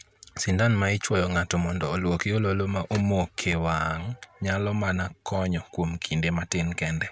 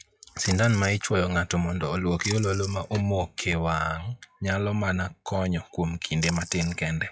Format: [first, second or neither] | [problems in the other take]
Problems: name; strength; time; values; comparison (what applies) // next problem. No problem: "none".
first | noise reduction (classical method log-MMSE)